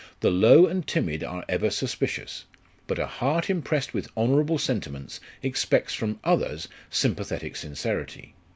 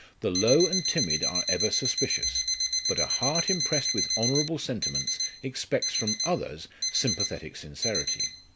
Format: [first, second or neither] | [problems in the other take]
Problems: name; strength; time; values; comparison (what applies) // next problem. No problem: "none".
first | background sound (Alarm); 1 dB above the speech